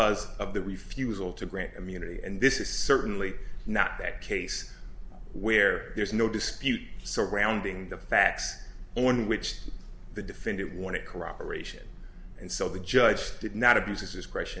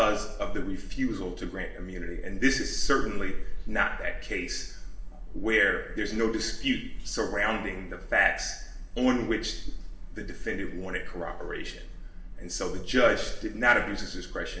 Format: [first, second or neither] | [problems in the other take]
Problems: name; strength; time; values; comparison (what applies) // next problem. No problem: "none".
first | room echo; dies away in 0.7 s